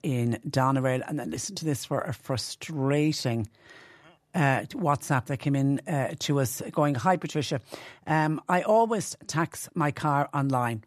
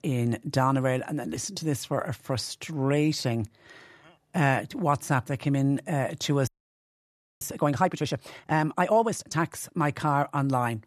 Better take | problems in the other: first | audio freezing; at 6.5 s for 1 s

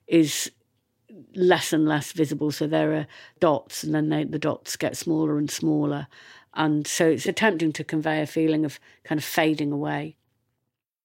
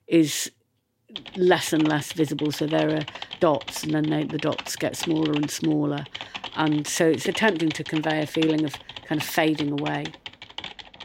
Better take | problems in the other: first | keyboard typing; noticeable; from 1 s on; peak 8 dB below the speech

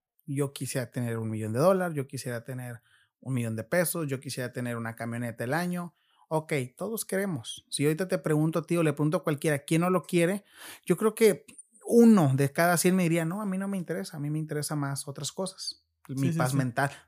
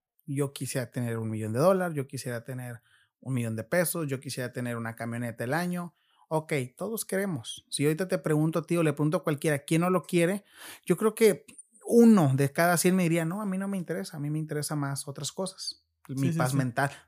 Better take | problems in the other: neither | none

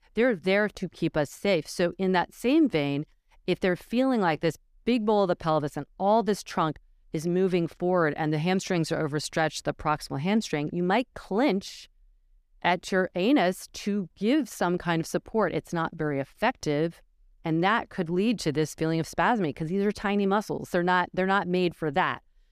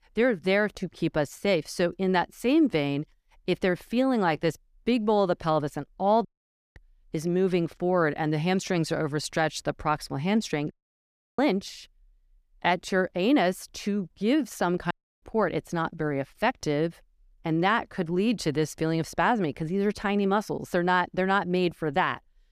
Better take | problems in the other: first | audio cutting out; at 6.5 s for 0.5 s, at 11 s for 0.5 s and at 15 s

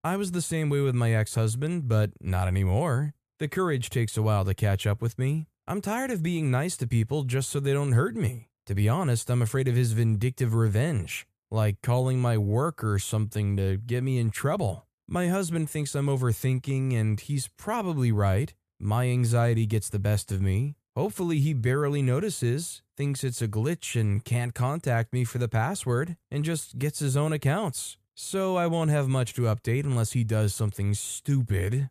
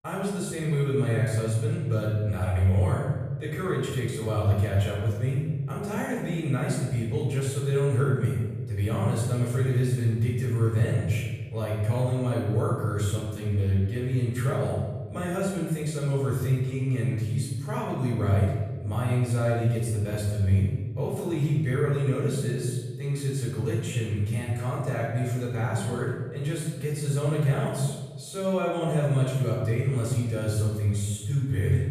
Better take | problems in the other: first | off-mic speech; far // room echo; noticeable; dies away in 1.2 s

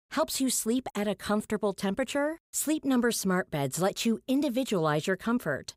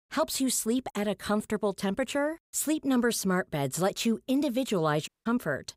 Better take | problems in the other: first | audio cutting out; at 5 s

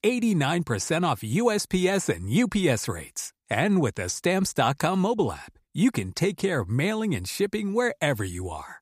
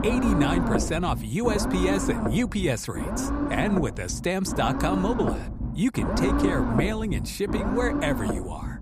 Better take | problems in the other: first | low rumble; loud; throughout; 2 dB below the speech

